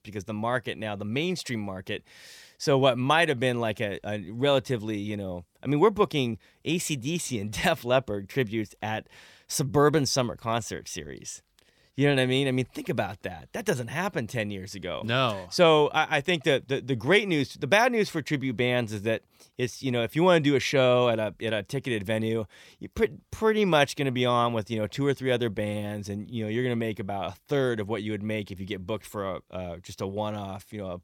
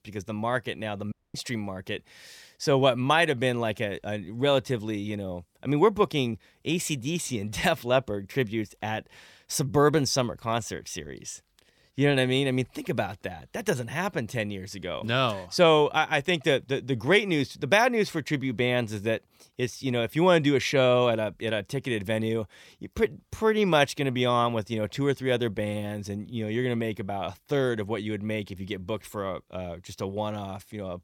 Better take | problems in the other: first | audio cutting out; at 1 s

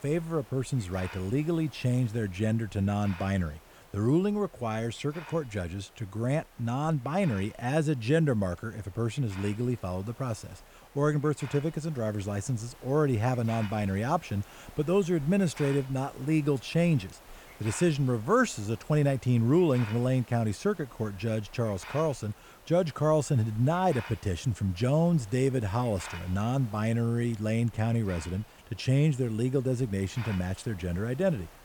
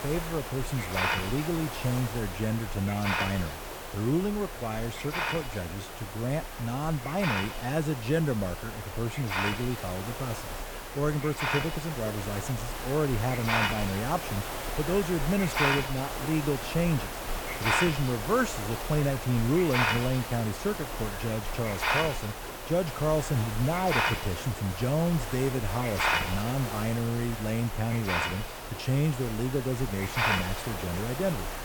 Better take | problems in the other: first | hiss; loud; throughout; 2 dB below the speech; faint in the first

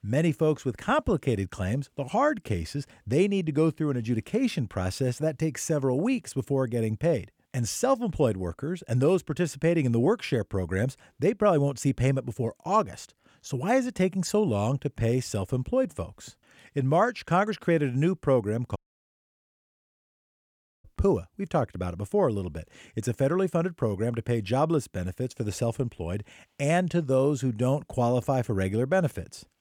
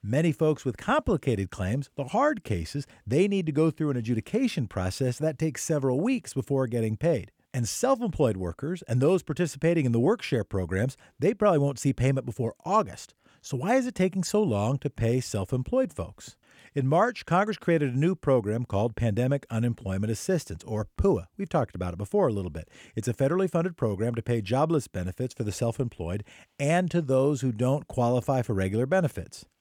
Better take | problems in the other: second | audio cutting out; at 19 s for 2 s

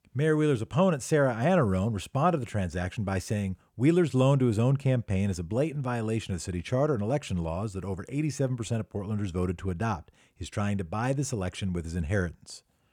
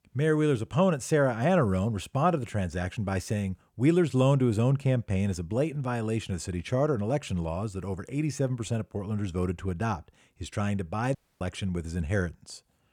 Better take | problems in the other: first | audio cutting out; at 11 s

